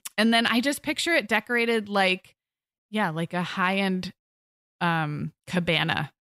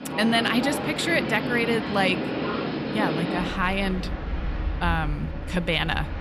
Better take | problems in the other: first | train or aircraft noise; loud; throughout; 4 dB below the speech

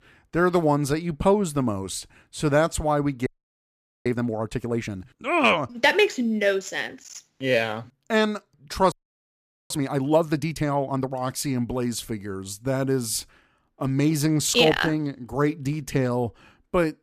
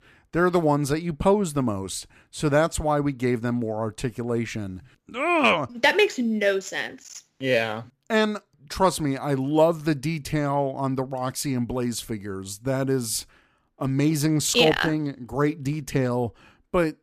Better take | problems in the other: second | audio freezing; at 3.5 s for 1 s and at 9 s for 1 s

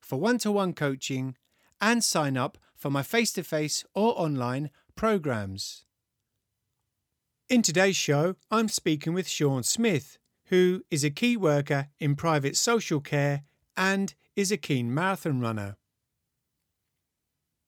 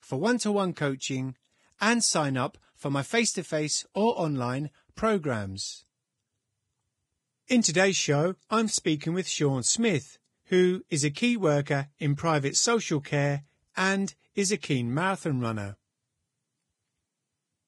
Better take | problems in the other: first | garbled, watery; badly

